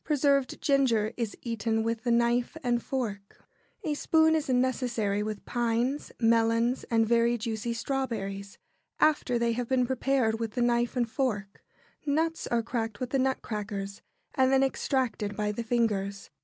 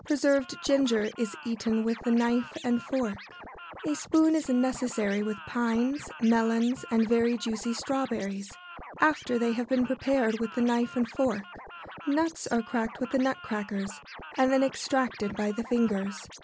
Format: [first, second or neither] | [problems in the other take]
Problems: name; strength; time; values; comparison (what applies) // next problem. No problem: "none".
first | background sound (Scratching (performance technique)); 17 dB below the speech